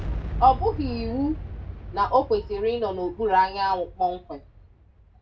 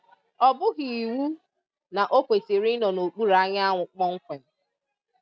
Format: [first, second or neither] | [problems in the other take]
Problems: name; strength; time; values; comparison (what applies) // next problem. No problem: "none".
second | background sound (Boom); 9 dB below the speech // room echo; dies away in 0.2 s